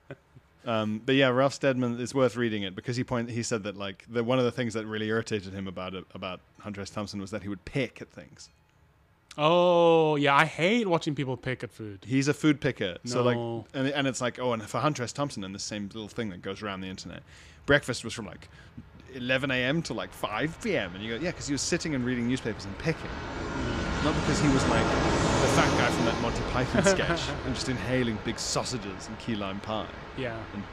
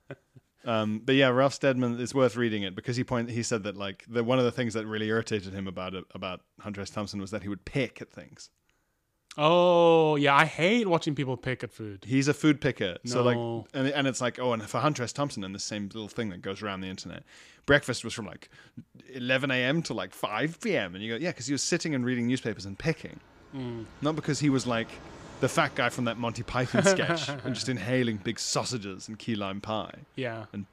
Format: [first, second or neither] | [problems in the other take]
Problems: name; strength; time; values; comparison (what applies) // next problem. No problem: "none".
second | train or aircraft noise; loud; throughout; 3 dB below the speech; faint in the second